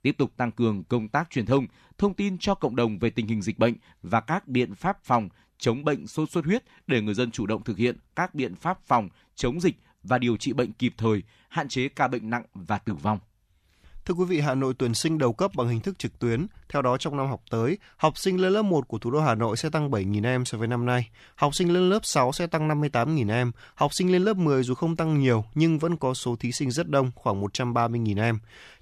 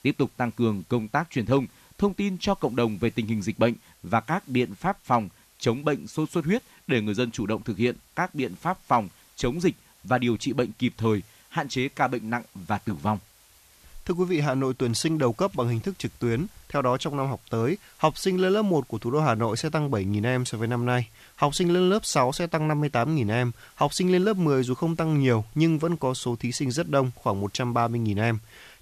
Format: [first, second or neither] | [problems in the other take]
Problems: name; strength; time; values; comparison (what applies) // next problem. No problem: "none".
first | hiss; faint; throughout; 30 dB below the speech